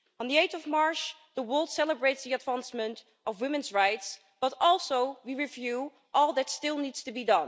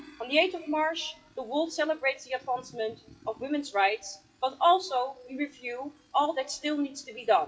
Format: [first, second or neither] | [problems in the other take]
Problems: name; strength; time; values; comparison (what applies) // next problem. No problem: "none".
first | noise reduction (classical method WPE with log-MMSE)